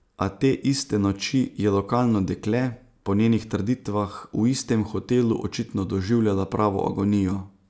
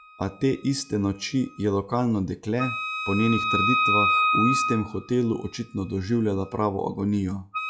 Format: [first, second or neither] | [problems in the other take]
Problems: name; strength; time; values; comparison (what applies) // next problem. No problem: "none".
first | noise reduction (classical method log-MMSE)